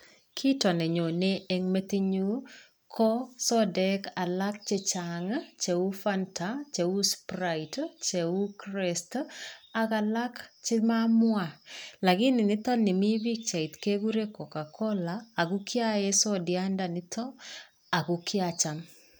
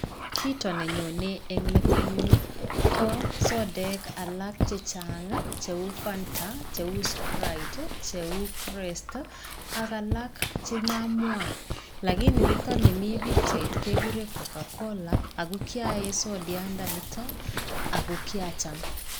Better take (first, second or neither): first